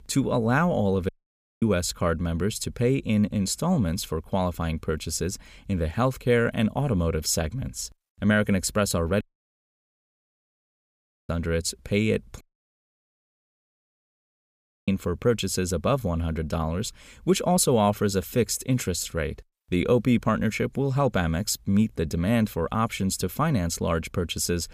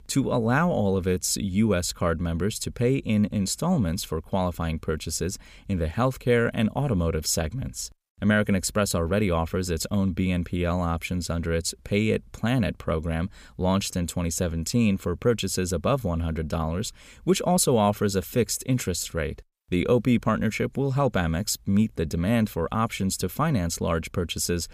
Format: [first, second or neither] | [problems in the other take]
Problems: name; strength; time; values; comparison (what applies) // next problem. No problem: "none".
second | audio cutting out; at 1 s for 0.5 s, at 9 s for 2 s and at 12 s for 2.5 s